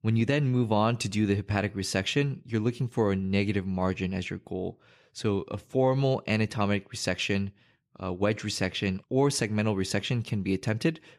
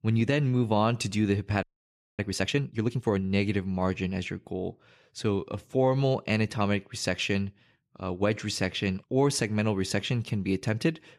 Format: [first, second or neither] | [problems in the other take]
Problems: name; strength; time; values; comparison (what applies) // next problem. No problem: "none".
first | audio freezing; at 1.5 s for 0.5 s